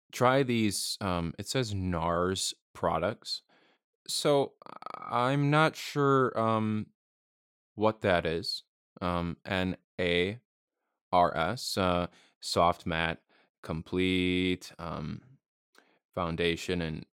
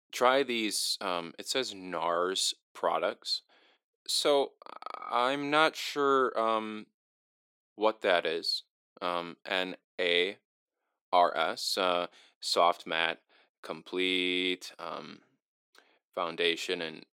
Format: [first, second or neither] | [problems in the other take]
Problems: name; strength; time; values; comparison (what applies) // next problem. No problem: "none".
first | thin; somewhat; fading below 300 Hz